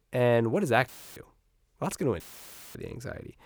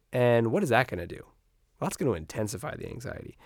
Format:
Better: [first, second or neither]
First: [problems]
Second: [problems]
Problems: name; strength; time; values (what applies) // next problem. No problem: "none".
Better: second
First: audio cutting out; filled with static; at 1 s and at 2 s for 0.5 s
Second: none